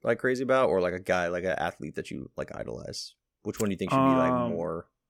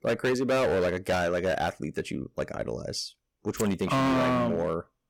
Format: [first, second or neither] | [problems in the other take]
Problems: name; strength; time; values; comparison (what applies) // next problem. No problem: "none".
first | distortion; heavy; 13% of the sound clipped